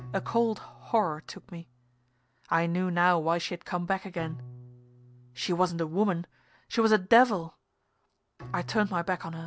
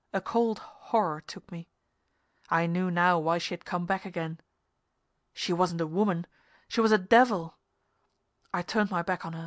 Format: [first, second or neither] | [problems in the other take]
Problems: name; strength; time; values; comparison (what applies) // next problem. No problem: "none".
second | background sound (Bowed string instrument); 20 dB below the speech